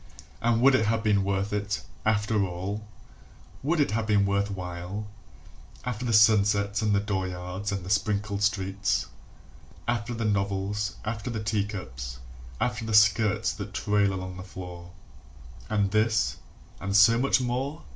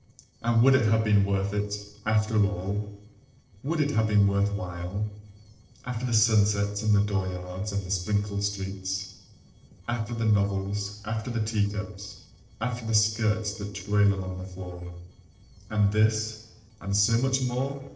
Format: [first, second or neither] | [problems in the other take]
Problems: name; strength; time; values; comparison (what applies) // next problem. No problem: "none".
first | noise reduction (neural separator model SepFormer DNS4)